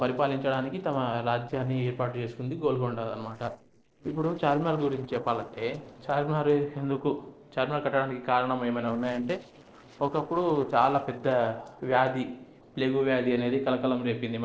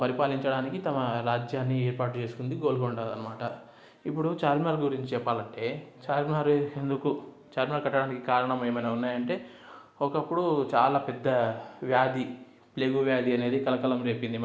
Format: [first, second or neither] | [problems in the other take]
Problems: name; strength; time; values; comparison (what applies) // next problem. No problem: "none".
second | noise reduction (neural separator model SepFormer DNS4)